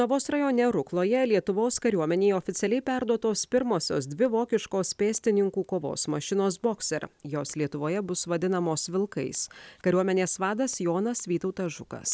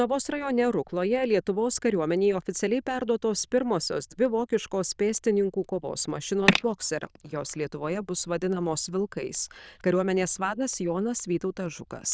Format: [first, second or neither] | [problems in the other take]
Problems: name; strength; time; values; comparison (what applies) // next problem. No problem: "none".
first | noise reduction (neural diffusion model UNIVERSE++)